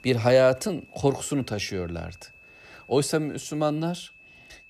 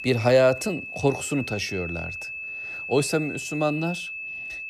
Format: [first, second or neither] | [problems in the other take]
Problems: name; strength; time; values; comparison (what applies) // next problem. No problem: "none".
first | high-pitched whine; loud; throughout; 2.5 kHz, 8 dB below the speech; faint in the first